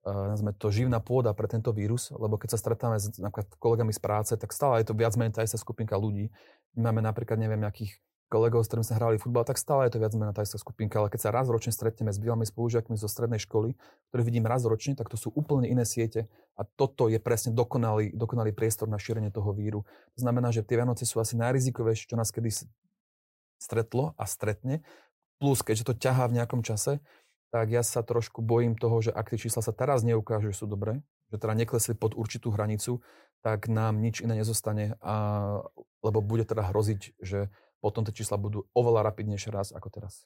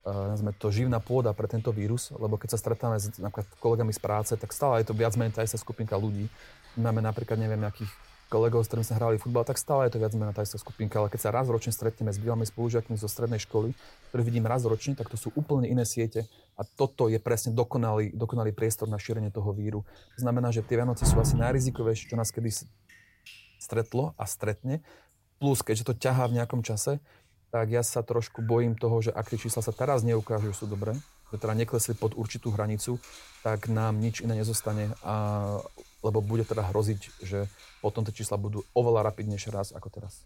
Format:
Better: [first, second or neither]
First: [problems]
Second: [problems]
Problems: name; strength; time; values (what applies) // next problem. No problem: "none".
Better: first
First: none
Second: rain or running water; noticeable; throughout; 10 dB below the speech